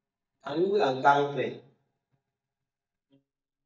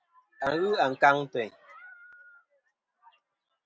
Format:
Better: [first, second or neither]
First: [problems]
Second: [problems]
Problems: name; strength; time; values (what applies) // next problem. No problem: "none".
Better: second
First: noise reduction (neural mask model DeepFilterNet 3)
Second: none